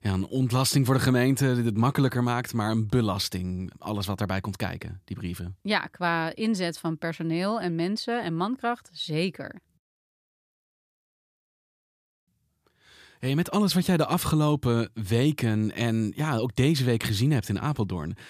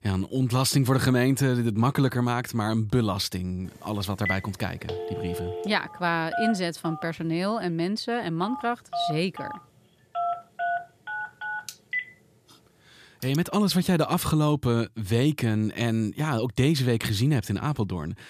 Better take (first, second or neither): first